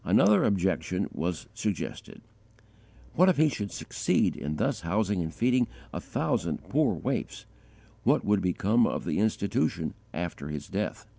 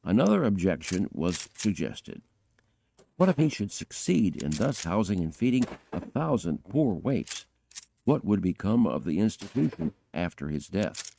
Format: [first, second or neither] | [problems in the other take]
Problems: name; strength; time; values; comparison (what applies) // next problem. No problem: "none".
first | noise reduction (neural mask model RNNoise)